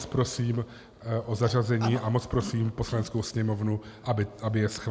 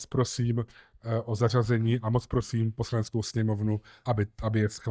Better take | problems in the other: first | noise reduction (neural mask model DeepFilterNet 3)

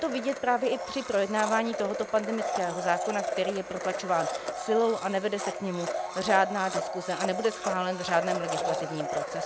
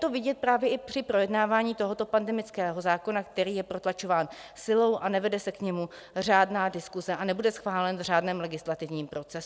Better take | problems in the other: second | background sound (Domestic sounds, home sounds); 4 dB below the speech

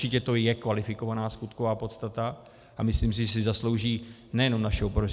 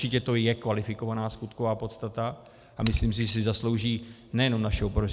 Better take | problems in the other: first | background sound (Raindrop / Splash, splatter); 13 dB below the speech

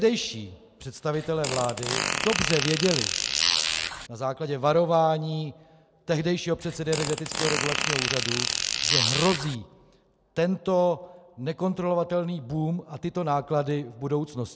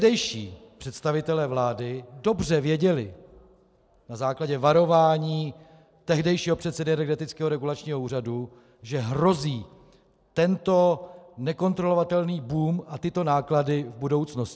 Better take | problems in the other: second | background sound (Fart); as loud as the speech

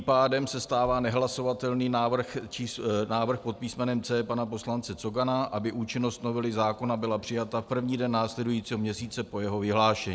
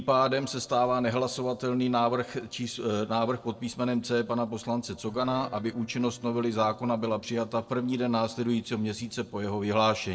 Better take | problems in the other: first | noise reduction (neural separator model SepFormer DNS4)

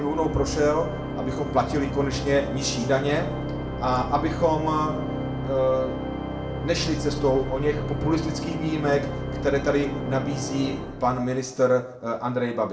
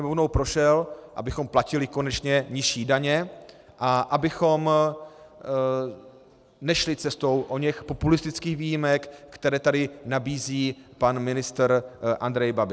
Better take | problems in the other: second | background sound (Organ); 5 dB below the speech // room echo; dies away in 0.6 s

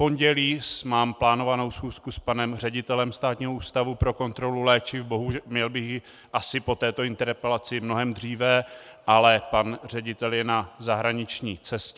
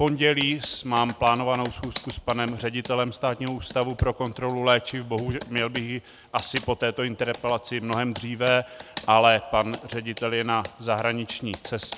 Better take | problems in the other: first | background sound (Computer keyboard); 18 dB below the speech

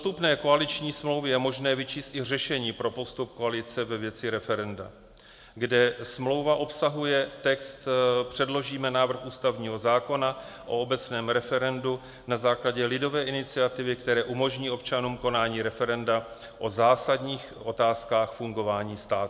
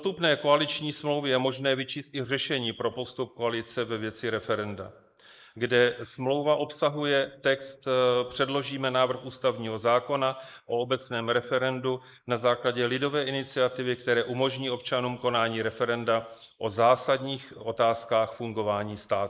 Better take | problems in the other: first | noise reduction (neural mask model Resemble Enhance denoiser)

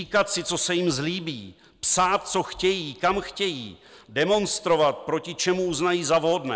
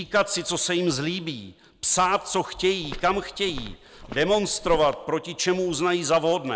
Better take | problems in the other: first | background sound (Walk, footsteps); 14 dB below the speech

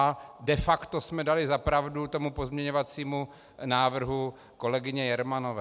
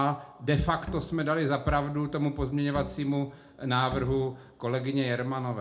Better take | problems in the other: first | background sound (Bowed string instrument); 15 dB below the speech // room echo; dies away in 0.4 s

